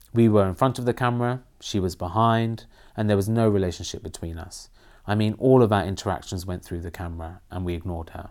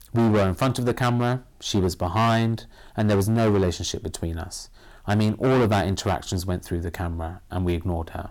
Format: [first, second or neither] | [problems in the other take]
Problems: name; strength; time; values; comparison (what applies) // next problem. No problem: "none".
first | distortion; heavy; 11% of the sound clipped